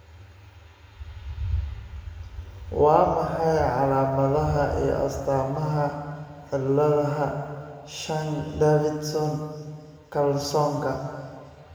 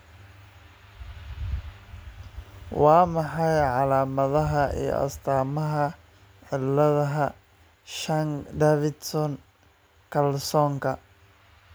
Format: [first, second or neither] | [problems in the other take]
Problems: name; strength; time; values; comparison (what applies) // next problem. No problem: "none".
second | room echo; dies away in 2 s